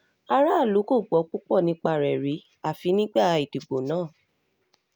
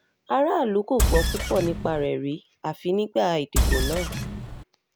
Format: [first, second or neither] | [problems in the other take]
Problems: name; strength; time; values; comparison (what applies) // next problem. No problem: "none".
first | background sound (Engine); 2 dB above the speech